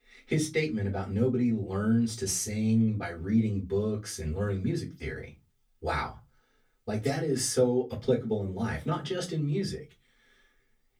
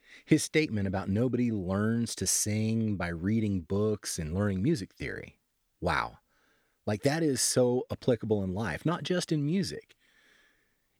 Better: second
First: off-mic speech; far // room echo; very slight; dies away in 0.2 s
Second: none

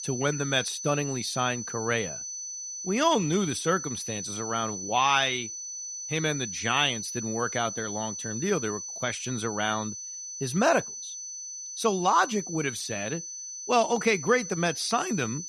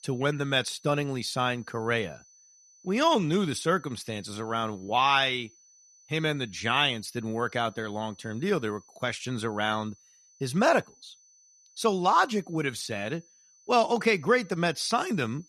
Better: second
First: high-pitched whine; loud; throughout; 6 kHz, 7 dB below the speech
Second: high-pitched whine; faint; throughout; 6 kHz, 30 dB below the speech

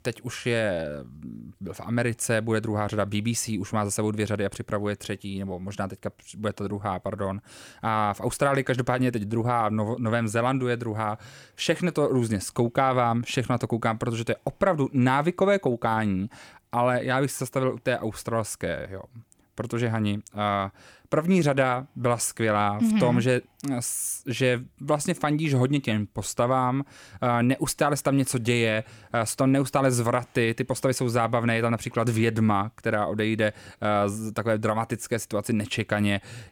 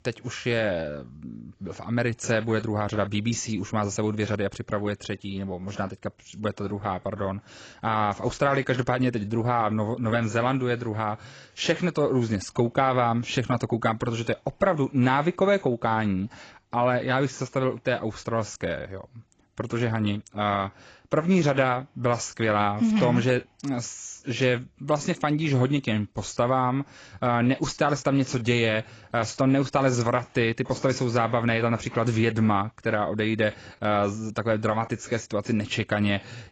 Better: first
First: none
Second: garbled, watery; badly; nothing above 7.5 kHz

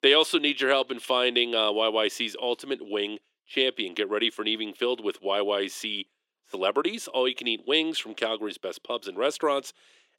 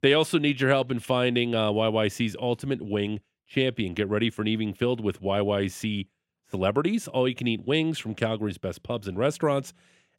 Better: second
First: thin; somewhat; fading below 350 Hz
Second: none

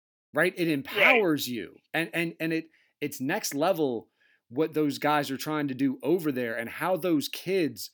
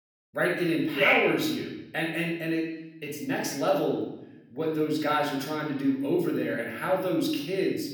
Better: first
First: none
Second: off-mic speech; far // room echo; noticeable; dies away in 0.8 s

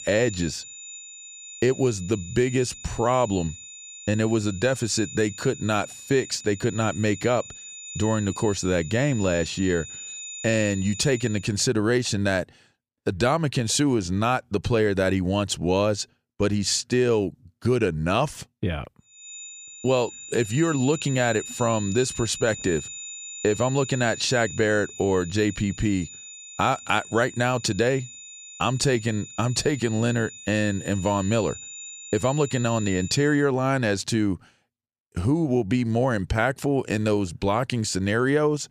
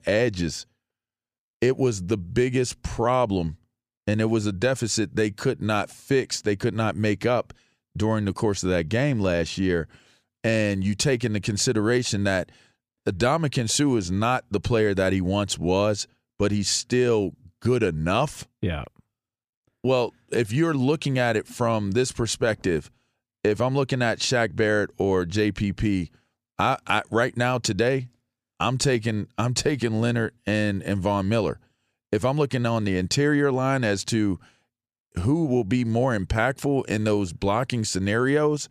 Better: second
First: high-pitched whine; noticeable; until 11 s and from 19 to 33 s; 7 kHz, 15 dB below the speech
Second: none

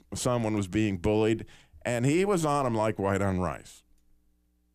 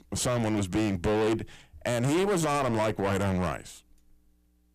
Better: first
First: none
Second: distortion; heavy; 15% of the sound clipped

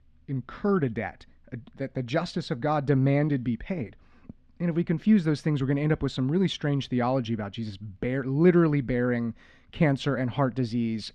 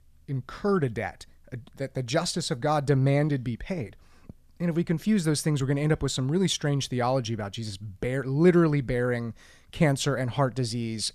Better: second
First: muffled; slightly; fading above 3 kHz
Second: none

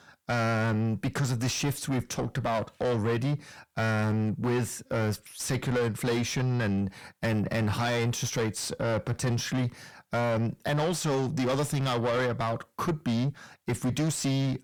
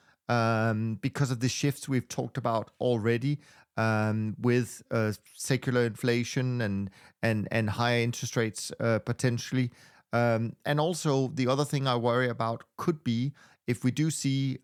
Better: second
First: distortion; heavy; 6 dB below the speech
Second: none

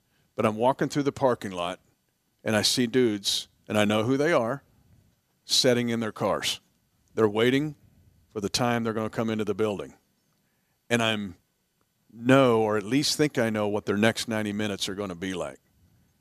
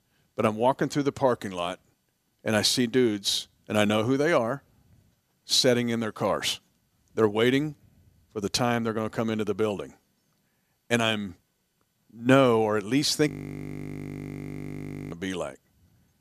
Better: first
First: none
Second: audio freezing; at 13 s for 2 s

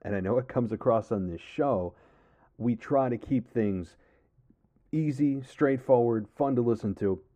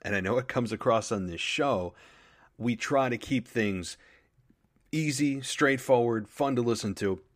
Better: second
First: muffled; very; fading above 1.5 kHz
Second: none

